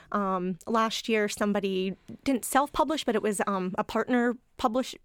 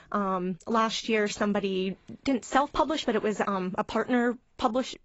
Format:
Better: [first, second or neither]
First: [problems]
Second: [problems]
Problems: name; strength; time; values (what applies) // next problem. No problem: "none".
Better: first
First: none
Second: garbled, watery; badly; nothing above 7.5 kHz